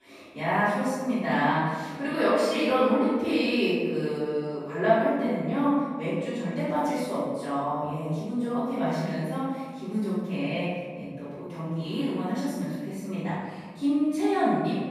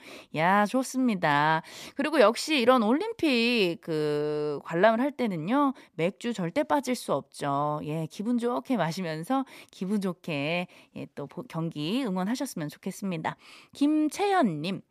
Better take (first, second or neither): second